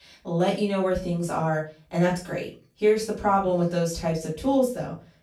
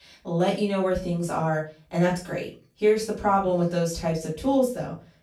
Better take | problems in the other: neither | off-mic speech; far; the same in both // room echo; slight; dies away in 0.3 s; the same in both

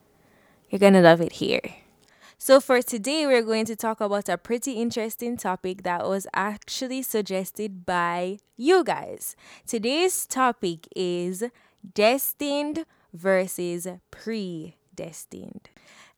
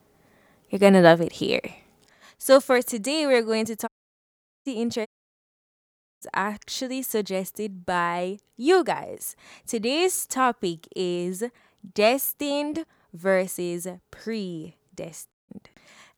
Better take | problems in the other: first | audio cutting out; at 4 s for 1 s, at 5 s for 1 s and at 15 s

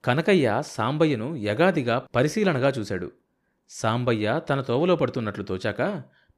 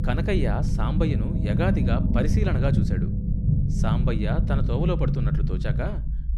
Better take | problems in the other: first | low rumble; loud; throughout; 4 dB below the speech

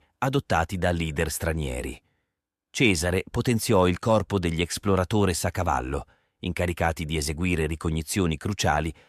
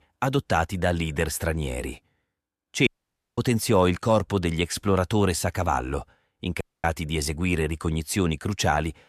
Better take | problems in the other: first | audio cutting out; at 3 s for 0.5 s and at 6.5 s

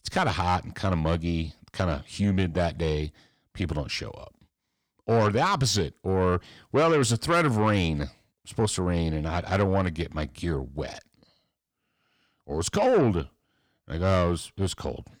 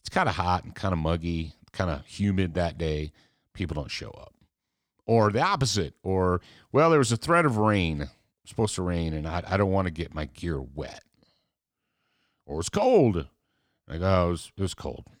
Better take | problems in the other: second | distortion; slight; 10 dB below the speech

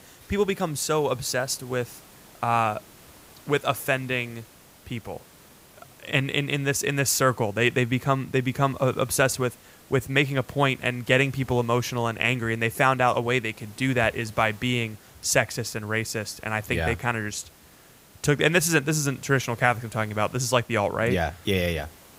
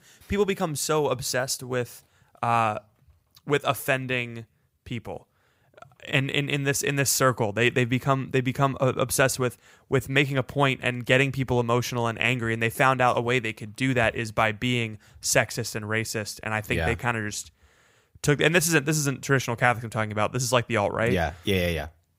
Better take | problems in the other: second | hiss; faint; throughout; 25 dB below the speech

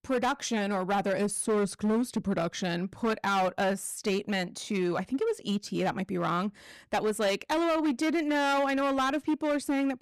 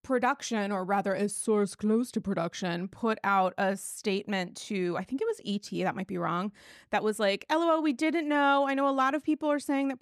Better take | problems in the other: second | distortion; slight; 13% of the sound clipped

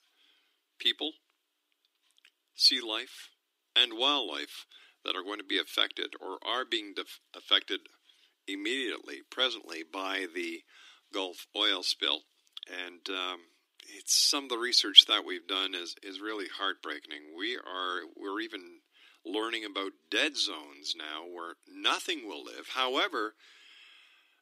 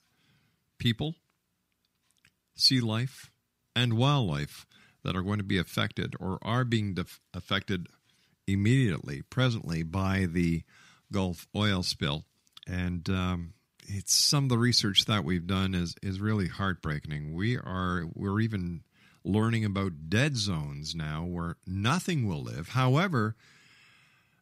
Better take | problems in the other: second | thin; very; fading below 300 Hz

